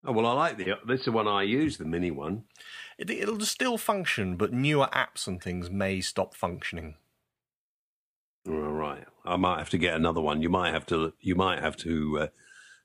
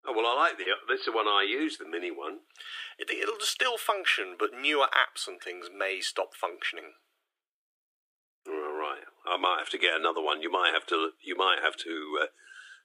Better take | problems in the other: first | thin; very; fading below 300 Hz

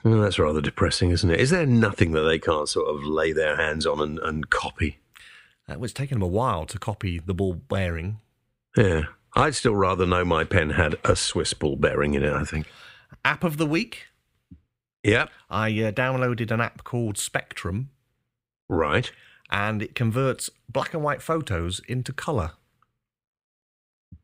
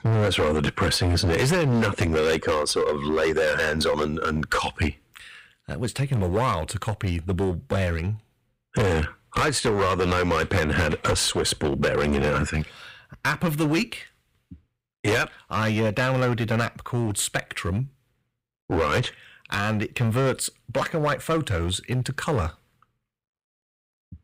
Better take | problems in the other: first | distortion; heavy; 12% of the sound clipped

